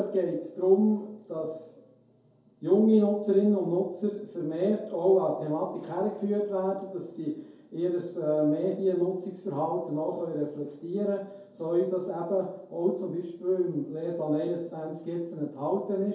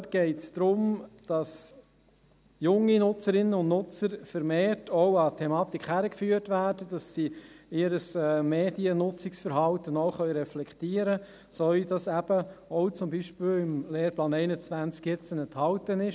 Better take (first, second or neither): second